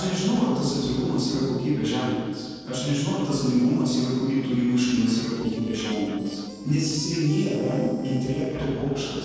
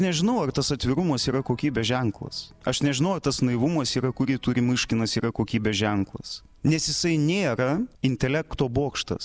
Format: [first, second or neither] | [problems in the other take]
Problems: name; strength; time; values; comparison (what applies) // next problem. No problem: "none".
second | noise reduction (neural separator model SepFormer DNS4)